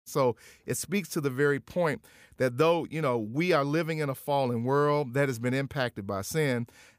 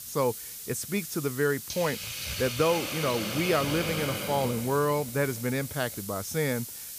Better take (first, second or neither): first